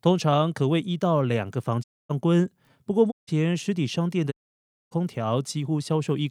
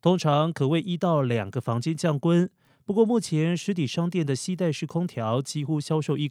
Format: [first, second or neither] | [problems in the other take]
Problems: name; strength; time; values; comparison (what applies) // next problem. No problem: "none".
second | audio cutting out; at 2 s, at 3 s and at 4.5 s for 0.5 s